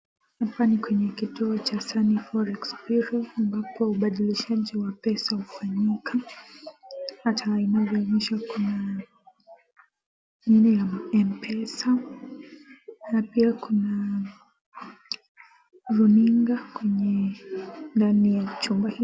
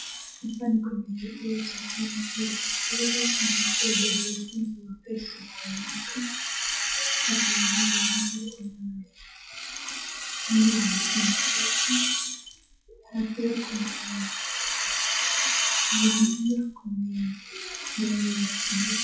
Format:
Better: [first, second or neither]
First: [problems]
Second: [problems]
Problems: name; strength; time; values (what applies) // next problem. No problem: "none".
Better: first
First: none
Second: noise reduction (classical method WPE with log-MMSE)